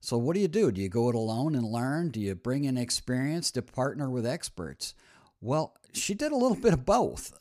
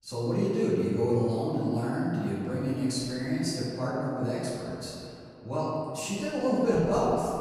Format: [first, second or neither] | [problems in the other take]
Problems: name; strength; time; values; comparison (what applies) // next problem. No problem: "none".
first | off-mic speech; far // room echo; strong; dies away in 2.3 s